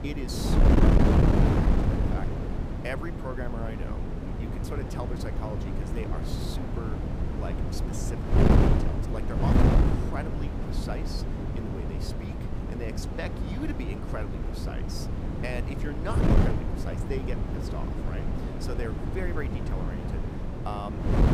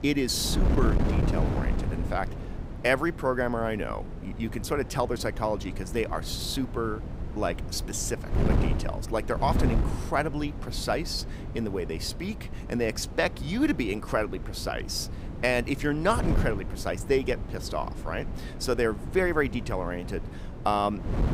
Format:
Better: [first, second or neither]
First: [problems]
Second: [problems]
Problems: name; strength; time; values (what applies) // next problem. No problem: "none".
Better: second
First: wind noise on the microphone; heavy; 5 dB above the speech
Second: wind noise on the microphone; occasional gusts; 10 dB below the speech